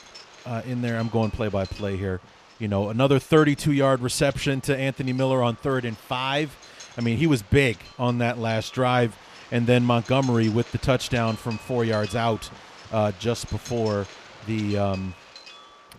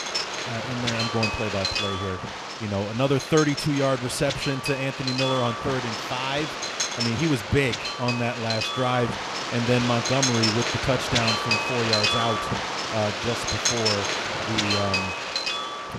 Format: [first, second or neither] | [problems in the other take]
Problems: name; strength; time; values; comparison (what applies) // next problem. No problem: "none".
first | wind noise on the microphone; heavy; 3 dB above the speech; occasional gusts in the first